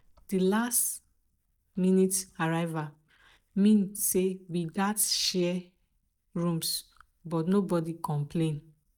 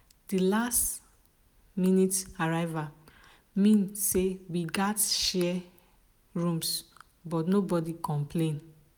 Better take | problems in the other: second | noise reduction (neural mask model DeepFilterNet 3)

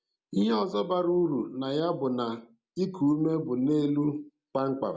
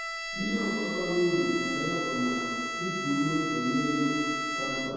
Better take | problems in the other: first | background sound (Bowed string instrument); 3 dB below the speech // room echo; dies away in 2 s

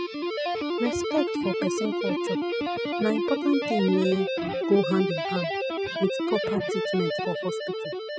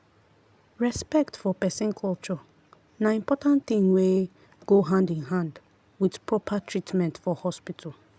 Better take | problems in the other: second | noise reduction (classical method spectral subtraction)

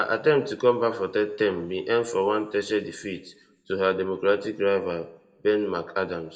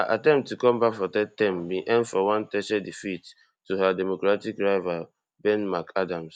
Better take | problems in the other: second | room echo; dies away in 0.5 s

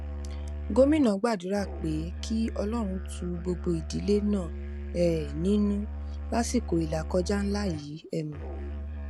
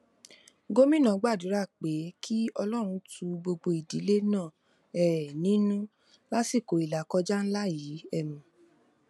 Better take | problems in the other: second | background sound (Musical instrument); 7 dB below the speech

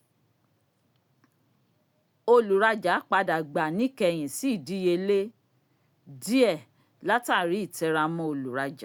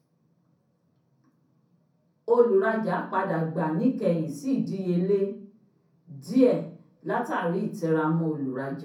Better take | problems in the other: first | room echo; dies away in 0.6 s

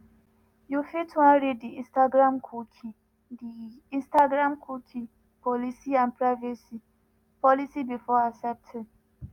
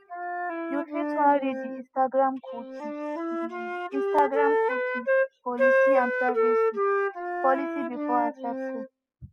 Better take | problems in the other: first | noise reduction (classical method spectral subtraction)

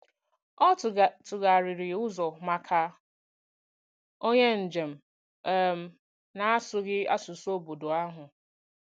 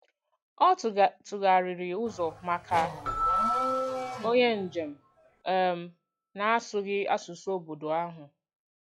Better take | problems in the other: first | noise reduction (classical method log-MMSE)

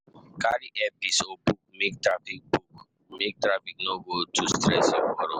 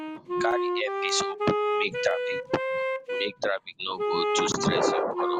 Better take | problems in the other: first | background sound (Wind instrument, woodwind instrument); 1 dB above the speech

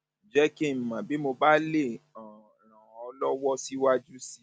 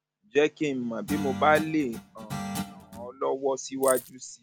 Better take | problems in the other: first | background sound (Keys jangling + Guitar); 8 dB below the speech

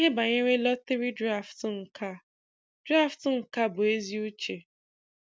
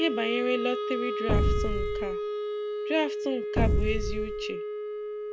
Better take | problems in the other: first | background sound (Explosion + Wind instrument, woodwind instrument); 4 dB above the speech

